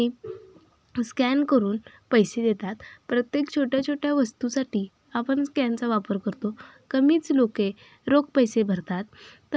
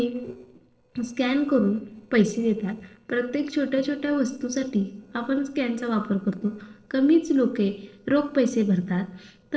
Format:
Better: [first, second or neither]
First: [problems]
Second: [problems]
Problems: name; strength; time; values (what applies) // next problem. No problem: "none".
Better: first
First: none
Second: noise reduction (neural separator model SepFormer DNS4)